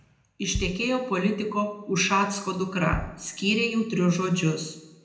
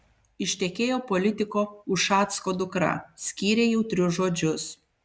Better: second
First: background sound (Bass drum); 13 dB below the speech // room echo; dies away in 0.7 s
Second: none

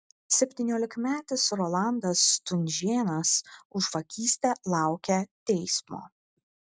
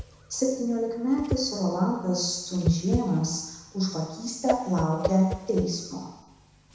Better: first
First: none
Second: background sound (Whoosh, swoosh, swish); 9 dB below the speech // room echo; dies away in 1 s

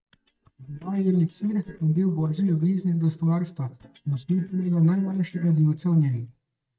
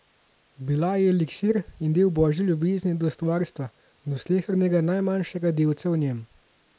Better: second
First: noise reduction (neural mask model DeepFilterNet 3)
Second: none

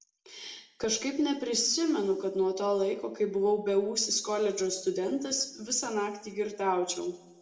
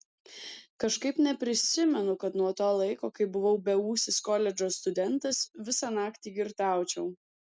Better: second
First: room echo; dies away in 0.8 s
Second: none

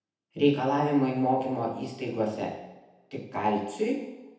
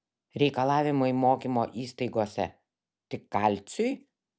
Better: second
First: room echo; dies away in 0.9 s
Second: none

